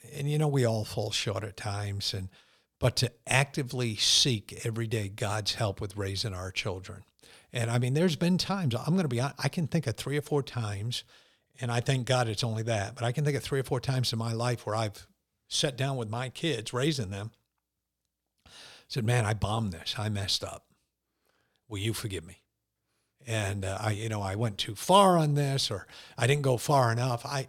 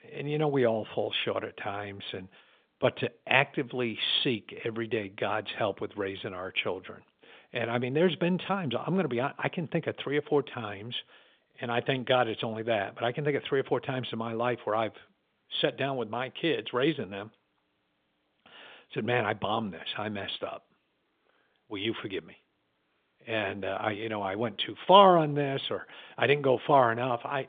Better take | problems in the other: first | phone-call audio

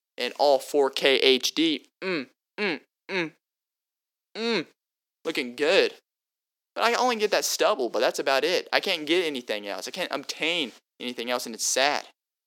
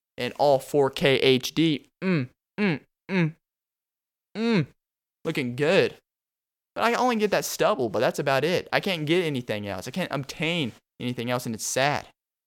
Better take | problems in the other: second | thin; somewhat; fading below 250 Hz

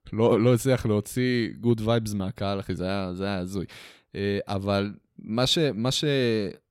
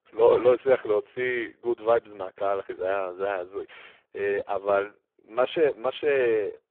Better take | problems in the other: first | phone-call audio; poor line

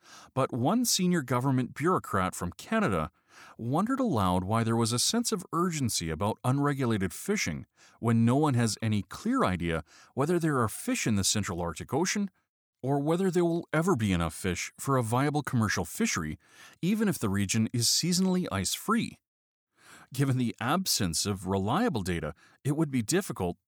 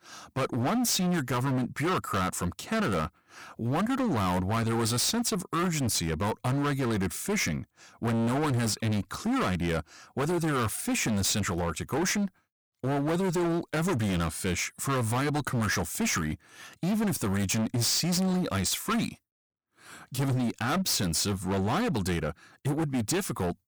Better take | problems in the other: first | distortion; heavy; 25% of the sound clipped

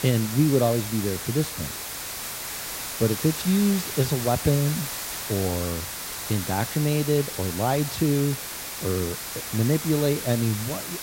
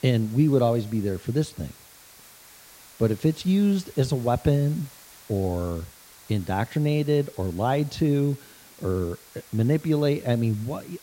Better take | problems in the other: second | hiss; loud; throughout; 6 dB below the speech; faint in the second

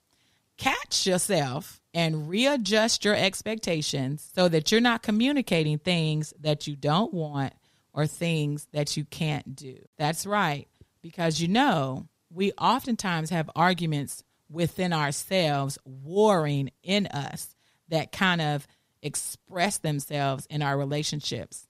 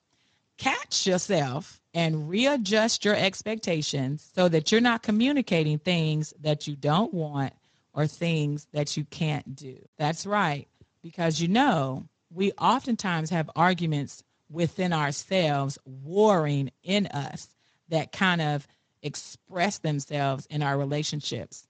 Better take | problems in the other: first | garbled, watery; slightly; nothing above 7.5 kHz

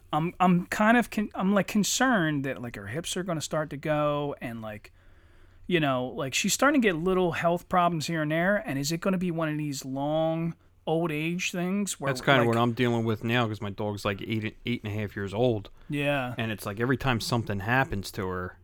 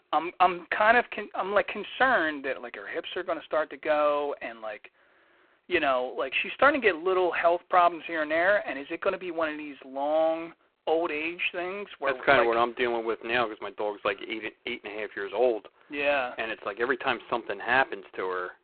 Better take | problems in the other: first | phone-call audio; poor line

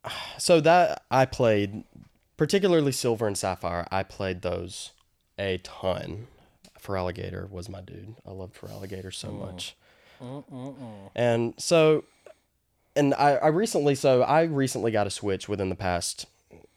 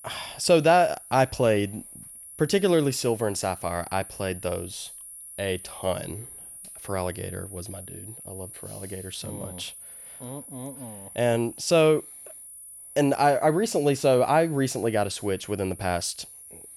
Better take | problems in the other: first | high-pitched whine; noticeable; throughout; 10 kHz, 15 dB below the speech

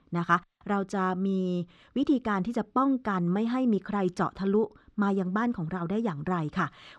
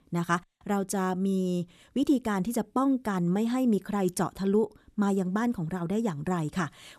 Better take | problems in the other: second | muffled; slightly; fading above 4.5 kHz

